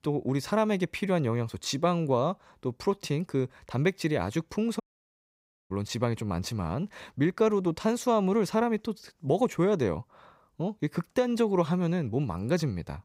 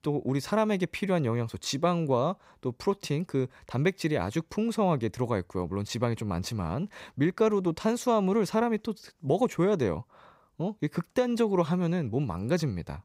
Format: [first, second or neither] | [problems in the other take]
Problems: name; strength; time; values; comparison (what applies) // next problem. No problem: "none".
second | audio cutting out; at 5 s for 1 s